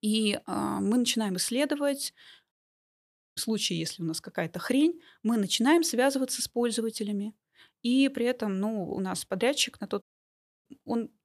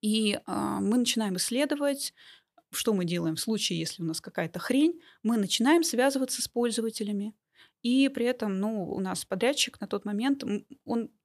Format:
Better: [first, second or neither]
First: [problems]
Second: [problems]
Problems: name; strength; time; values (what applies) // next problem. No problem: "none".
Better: second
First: audio cutting out; at 2.5 s for 1 s and at 10 s for 0.5 s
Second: none